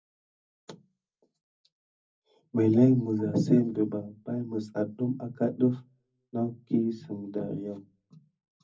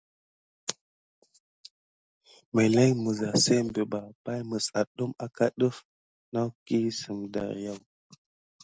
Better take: second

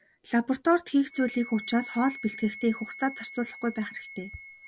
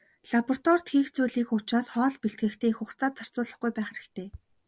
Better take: second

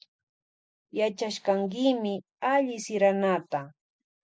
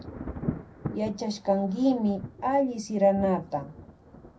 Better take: first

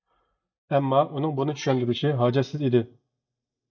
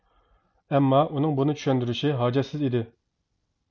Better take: second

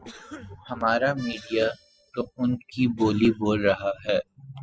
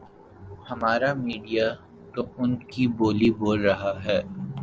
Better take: second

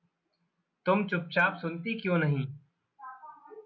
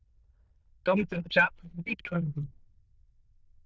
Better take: first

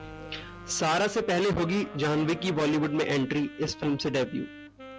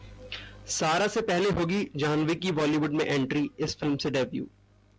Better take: second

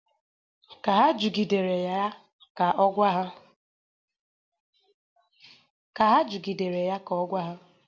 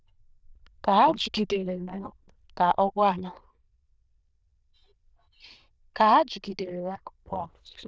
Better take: first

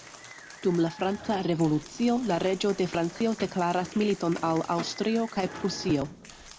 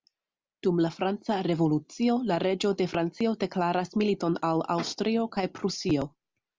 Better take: second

